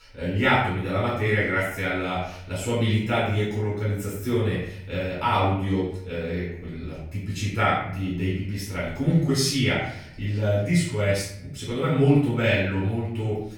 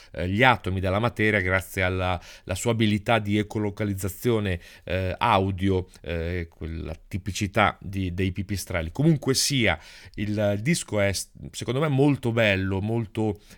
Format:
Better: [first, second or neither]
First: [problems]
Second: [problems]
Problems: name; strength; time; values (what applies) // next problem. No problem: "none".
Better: second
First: off-mic speech; far // room echo; noticeable; dies away in 0.6 s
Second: none